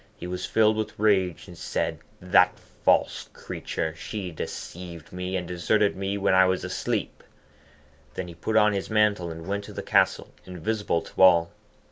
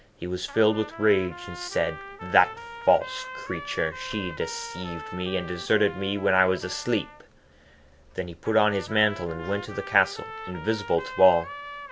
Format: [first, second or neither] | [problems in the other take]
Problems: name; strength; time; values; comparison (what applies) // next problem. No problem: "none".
first | background sound (Trumpet); 14 dB below the speech